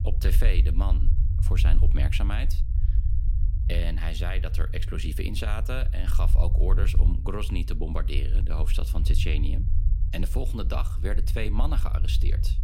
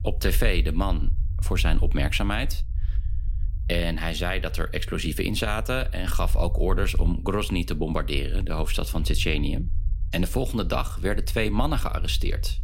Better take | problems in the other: second | low rumble; loud; throughout; 9 dB below the speech; faint in the second

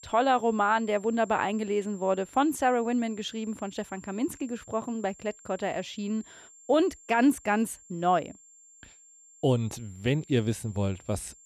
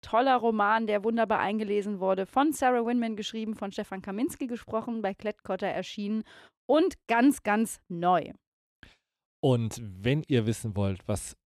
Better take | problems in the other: second | high-pitched whine; faint; throughout; 7.5 kHz, 25 dB below the speech

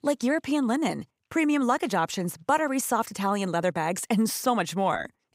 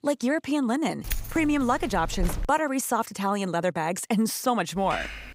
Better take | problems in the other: first | jangling keys; noticeable; from 1 to 2.5 s; peak 7 dB below the speech // keyboard typing; noticeable; at 5 s; peak 9 dB below the speech

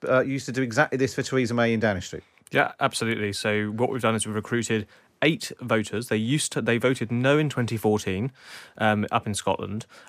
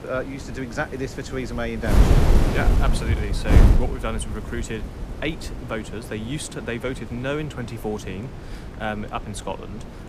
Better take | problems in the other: first | wind noise on the microphone; heavy; 3 dB below the speech

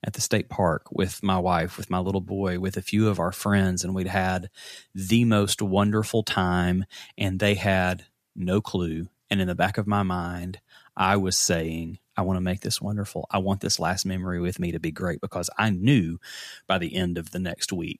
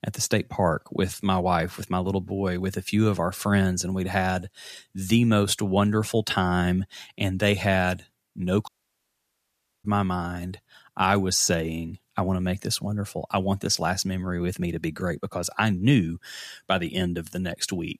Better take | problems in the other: first | audio cutting out; at 8.5 s for 1 s

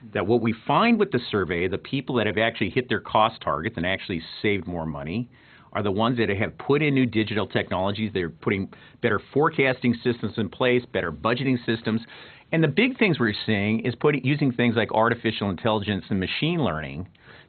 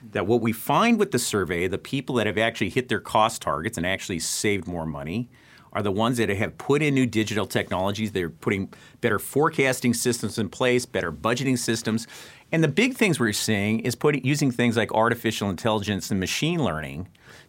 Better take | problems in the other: second | garbled, watery; badly; nothing above 4 kHz

